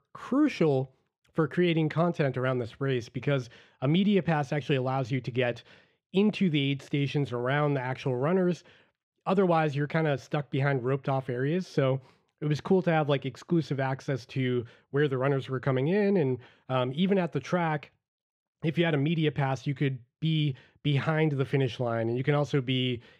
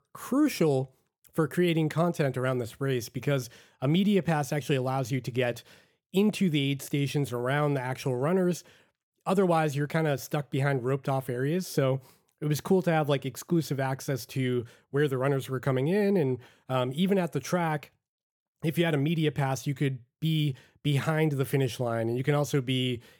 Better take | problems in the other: second | muffled; very slightly; fading above 3.5 kHz

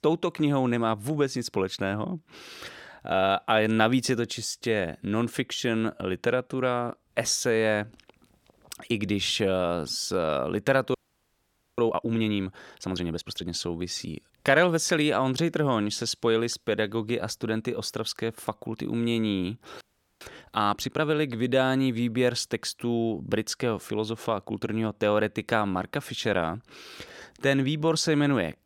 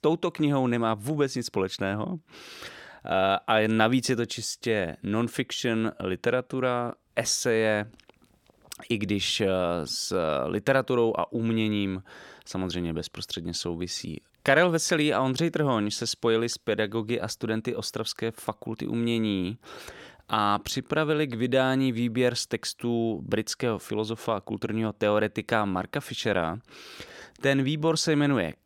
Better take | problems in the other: second | audio freezing; at 11 s for 1 s and at 20 s

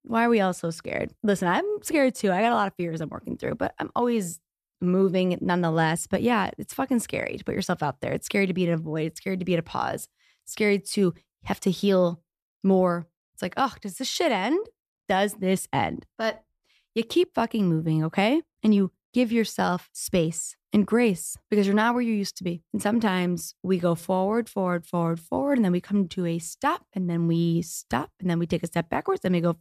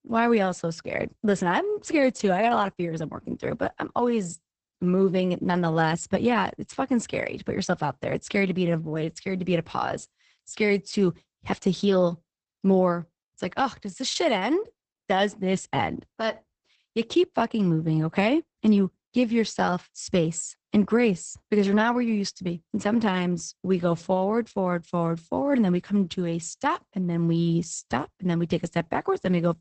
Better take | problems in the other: first | garbled, watery; badly; nothing above 8 kHz

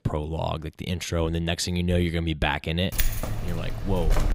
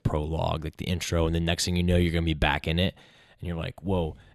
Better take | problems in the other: second | jangling keys; noticeable; from 3 s on; peak level with the speech

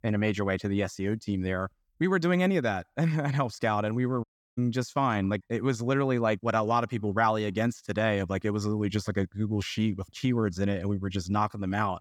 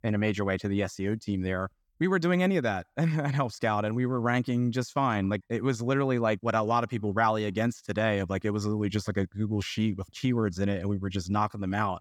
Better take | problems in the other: second | audio cutting out; at 4 s

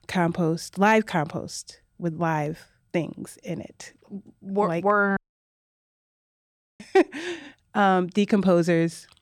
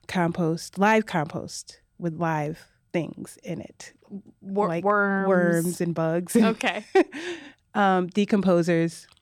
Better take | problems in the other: second | audio cutting out; at 5 s for 1.5 s

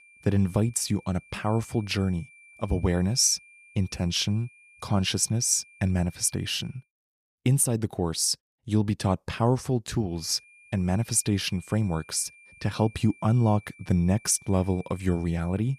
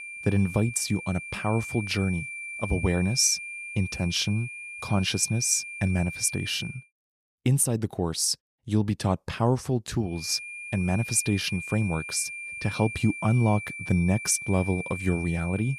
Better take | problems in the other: first | high-pitched whine; loud; until 6.5 s and from 10 s on; 2.5 kHz, 9 dB below the speech; faint in the first

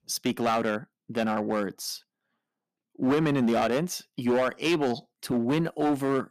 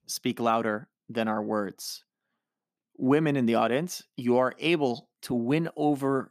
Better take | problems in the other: second | distortion; slight; 8% of the sound clipped

